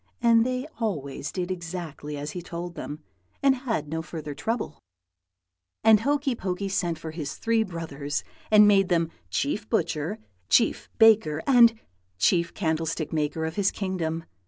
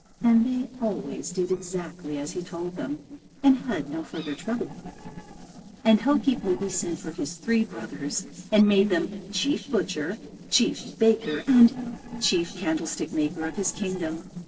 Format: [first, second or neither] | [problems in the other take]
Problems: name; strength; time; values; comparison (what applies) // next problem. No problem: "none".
first | noise reduction (neural separator model SepFormer DNS4)